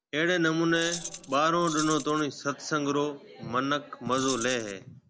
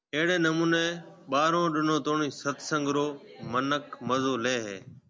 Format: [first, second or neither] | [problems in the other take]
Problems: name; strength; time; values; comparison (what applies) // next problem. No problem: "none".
second | background sound (Keys jangling); 10 dB below the speech